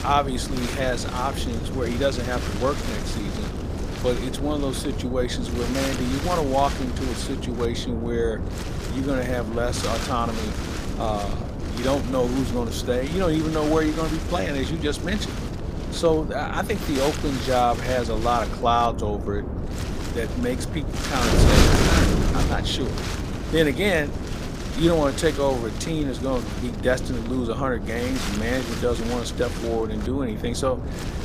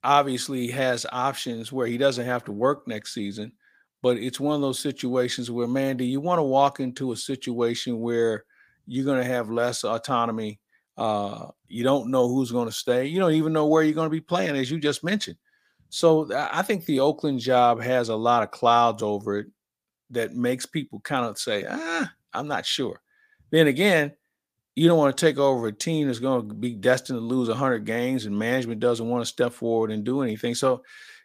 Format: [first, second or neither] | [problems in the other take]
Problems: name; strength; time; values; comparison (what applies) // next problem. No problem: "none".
second | wind noise on the microphone; heavy; 6 dB below the speech